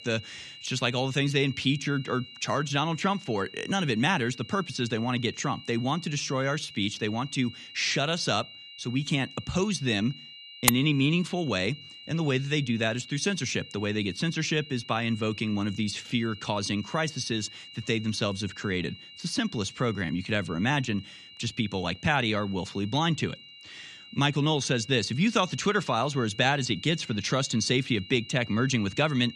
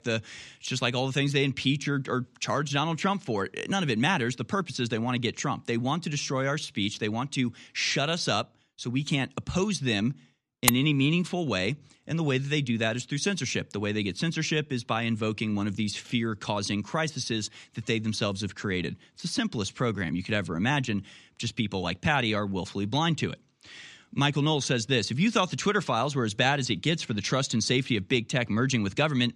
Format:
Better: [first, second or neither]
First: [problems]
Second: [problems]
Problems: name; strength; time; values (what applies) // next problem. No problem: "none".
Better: second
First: high-pitched whine; noticeable; throughout; 3 kHz, 15 dB below the speech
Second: none